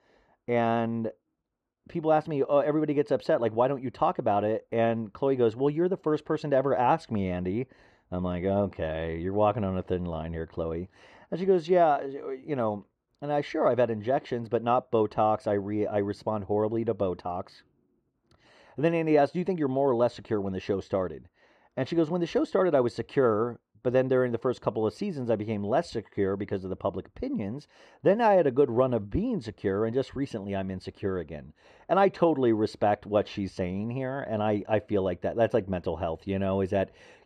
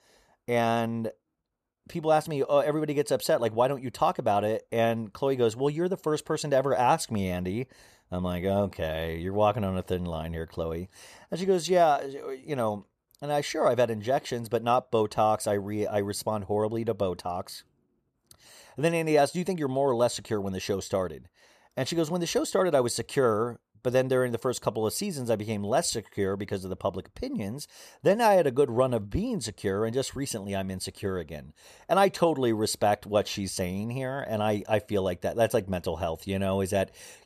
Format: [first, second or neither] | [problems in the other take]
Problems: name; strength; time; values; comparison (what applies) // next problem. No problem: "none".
second | muffled; slightly; fading above 2.5 kHz